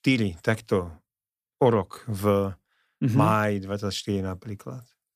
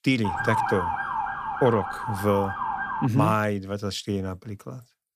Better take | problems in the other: first | siren; loud; until 3 s; peak level with the speech

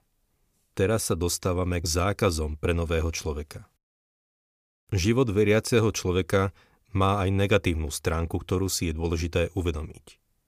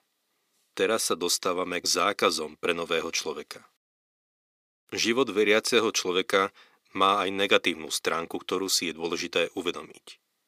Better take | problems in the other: first | thin; somewhat; fading below 250 Hz

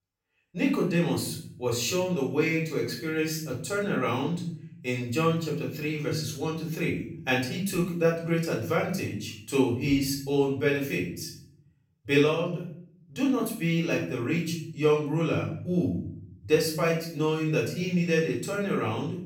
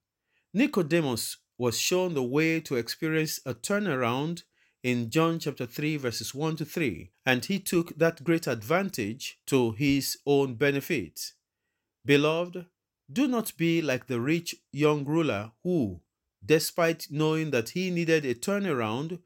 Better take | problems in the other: second | off-mic speech; far // room echo; noticeable; dies away in 0.6 s

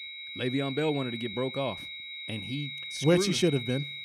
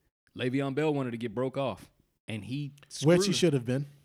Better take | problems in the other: second | high-pitched whine; loud; throughout; 4 kHz, 7 dB below the speech

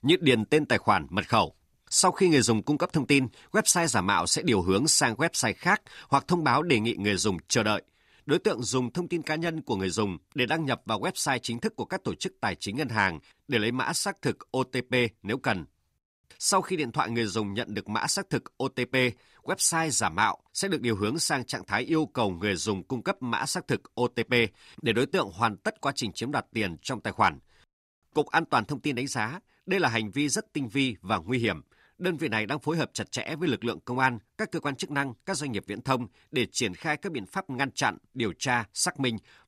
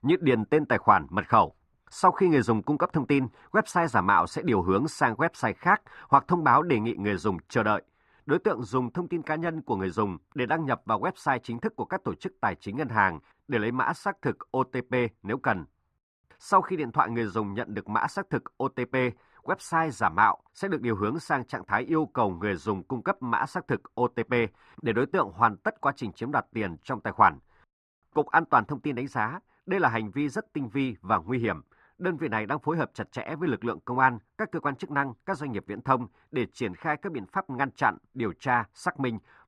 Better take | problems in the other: first | muffled; very; fading above 2.5 kHz

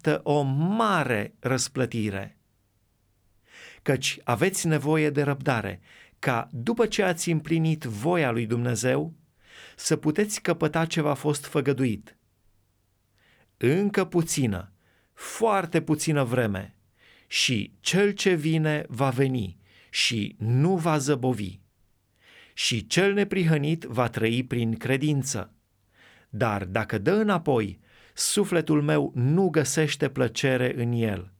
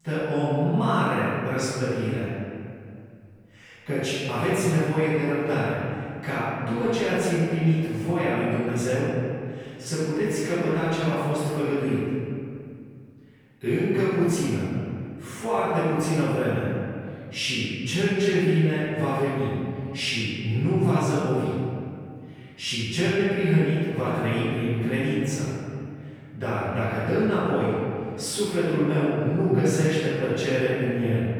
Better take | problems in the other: first | room echo; strong; dies away in 2.3 s // off-mic speech; far

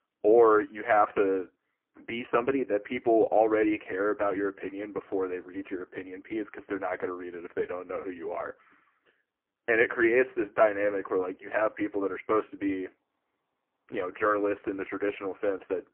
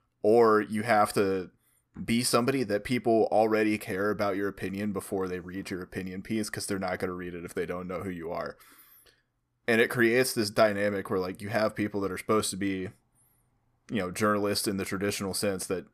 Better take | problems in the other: second | phone-call audio; poor line

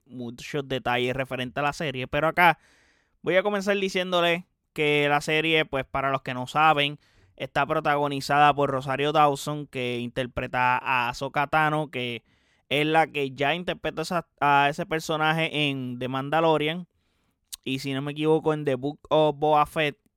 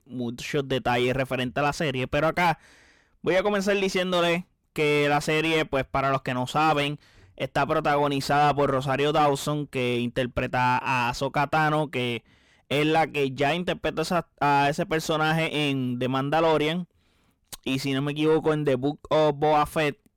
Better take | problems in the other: first | distortion; heavy; 8 dB below the speech

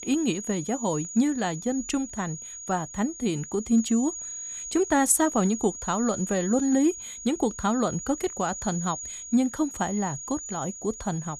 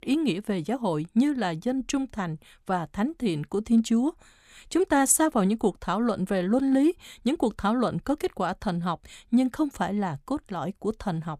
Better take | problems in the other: second | high-pitched whine; loud; throughout; 7 kHz, 9 dB below the speech

